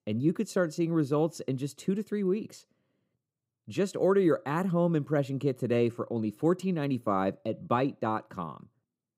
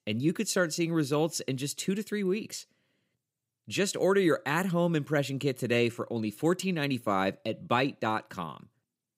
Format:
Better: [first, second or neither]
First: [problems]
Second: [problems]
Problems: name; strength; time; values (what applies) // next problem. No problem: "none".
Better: second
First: muffled; slightly; fading above 1 kHz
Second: none